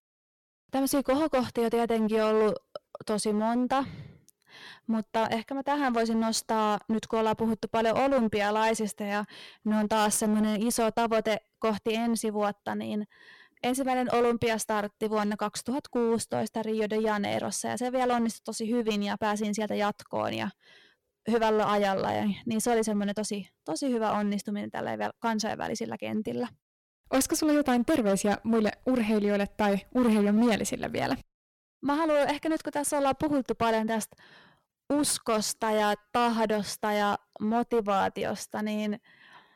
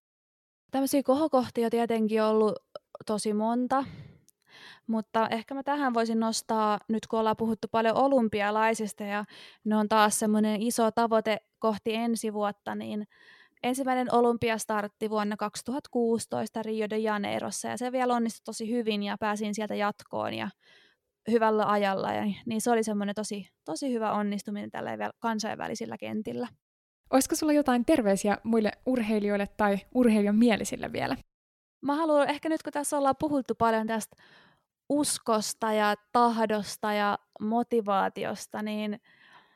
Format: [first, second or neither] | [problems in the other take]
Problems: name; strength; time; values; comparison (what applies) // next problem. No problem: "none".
second | distortion; slight; 8% of the sound clipped